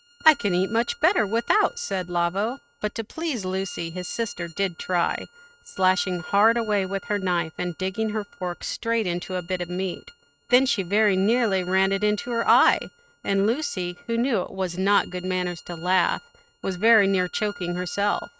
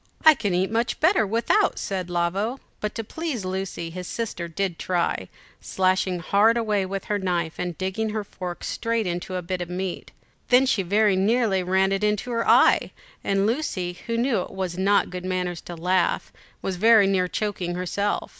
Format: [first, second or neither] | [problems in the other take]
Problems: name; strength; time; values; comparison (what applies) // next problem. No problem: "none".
second | noise reduction (neural mask model RNNoise)